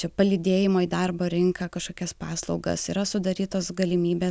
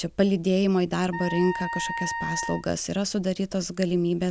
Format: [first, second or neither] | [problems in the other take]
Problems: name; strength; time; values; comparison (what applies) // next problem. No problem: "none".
first | background sound (Wind instrument, woodwind instrument); 8 dB below the speech